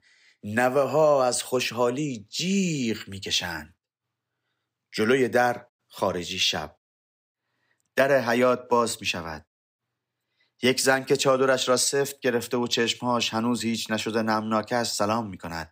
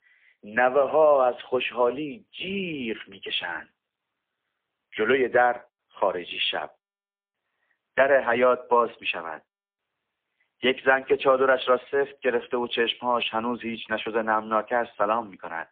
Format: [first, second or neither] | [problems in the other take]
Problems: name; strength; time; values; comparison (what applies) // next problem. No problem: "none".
first | phone-call audio; poor line; nothing above 3.5 kHz